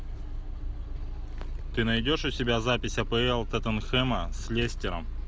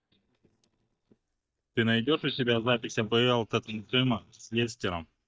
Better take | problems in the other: first | noise reduction (neural mask model DeepFilterNet 3)

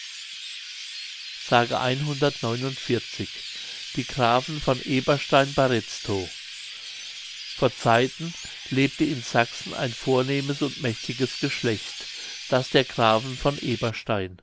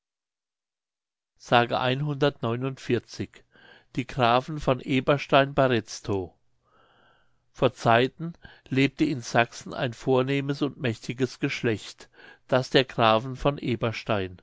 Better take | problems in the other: second | background sound (Chirp, tweet); 11 dB below the speech

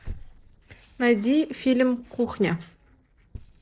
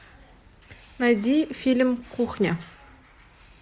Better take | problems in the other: second | noise reduction (neural separator model SepFormer DNS4)

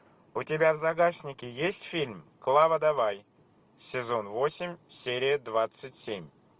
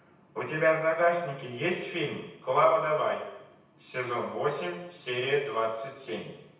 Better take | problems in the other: first | room echo; dies away in 0.9 s

